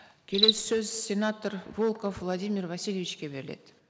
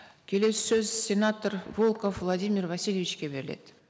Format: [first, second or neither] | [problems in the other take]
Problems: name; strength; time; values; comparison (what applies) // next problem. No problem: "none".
second | background sound (Cricket); 4 dB below the speech